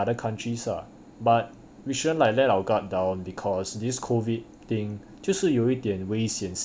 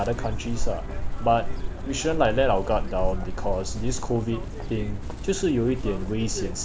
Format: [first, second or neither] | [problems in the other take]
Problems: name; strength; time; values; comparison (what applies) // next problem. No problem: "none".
first | background sound (Chirp, tweet); 1 dB below the speech